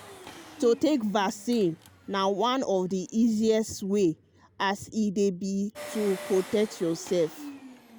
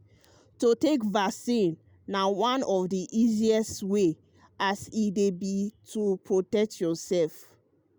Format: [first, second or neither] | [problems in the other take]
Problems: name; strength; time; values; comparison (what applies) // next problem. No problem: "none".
second | background sound (Engine); 18 dB below the speech